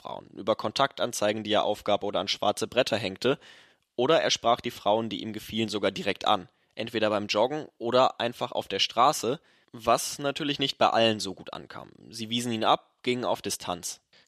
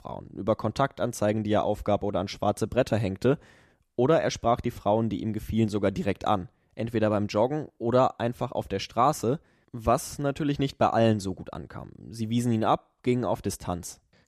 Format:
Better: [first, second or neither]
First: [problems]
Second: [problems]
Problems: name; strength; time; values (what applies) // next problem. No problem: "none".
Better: second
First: thin; very slightly; fading below 500 Hz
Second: none